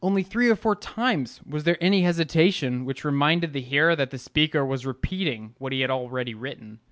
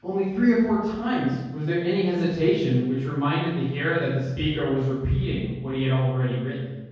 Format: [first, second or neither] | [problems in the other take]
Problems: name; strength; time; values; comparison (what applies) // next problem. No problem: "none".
first | room echo; dies away in 1.3 s